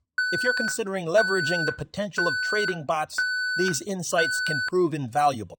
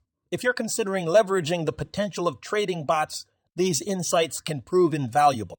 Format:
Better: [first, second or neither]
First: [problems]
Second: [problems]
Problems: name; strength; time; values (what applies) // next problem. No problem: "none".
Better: second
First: alarm; loud; until 4.5 s; peak 2 dB above the speech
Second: none